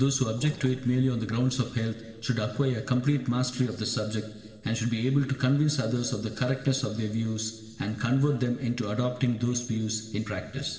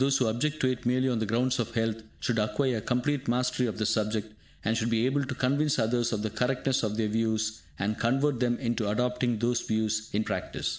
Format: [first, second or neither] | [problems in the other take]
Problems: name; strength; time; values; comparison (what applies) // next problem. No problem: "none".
second | noise reduction (neural separator model SepFormer DNS4)